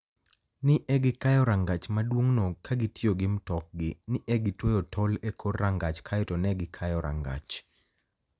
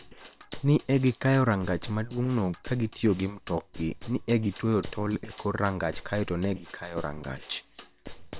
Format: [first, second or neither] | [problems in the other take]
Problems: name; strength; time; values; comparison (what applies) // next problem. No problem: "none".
first | noise reduction (neural separator model SepFormer WHAM!)